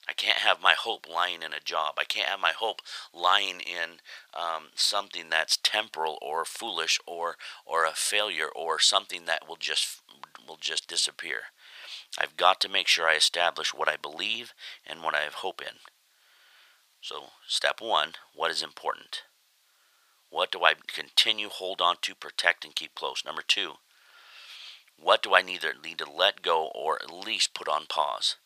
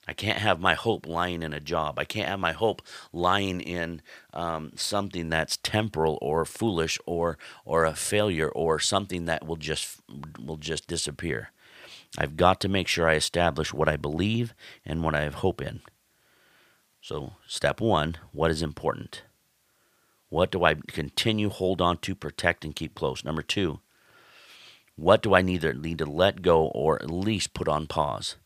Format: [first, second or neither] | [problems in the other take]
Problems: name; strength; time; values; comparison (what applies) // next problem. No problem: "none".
second | thin; very; fading below 850 Hz